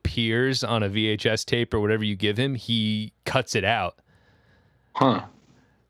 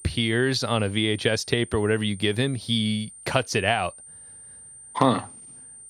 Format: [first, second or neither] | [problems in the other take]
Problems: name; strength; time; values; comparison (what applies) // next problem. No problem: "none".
first | high-pitched whine; noticeable; throughout; 9 kHz, 20 dB below the speech